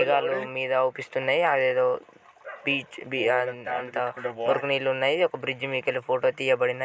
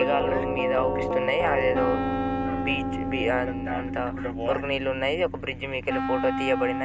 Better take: first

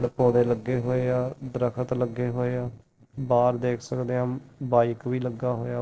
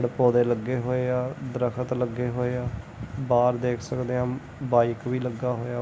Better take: second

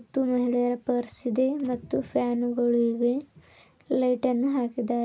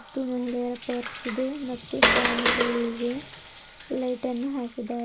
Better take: first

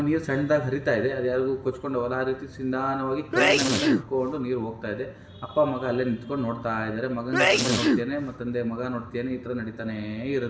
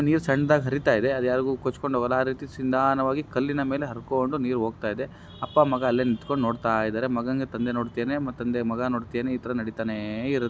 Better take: second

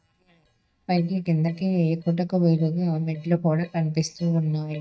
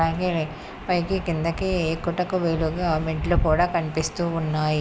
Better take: second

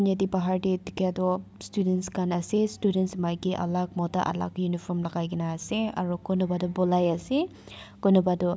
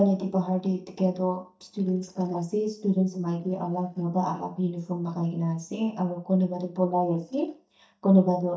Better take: first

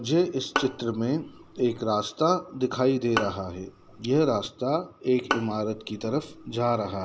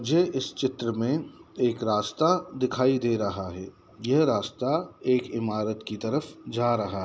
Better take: second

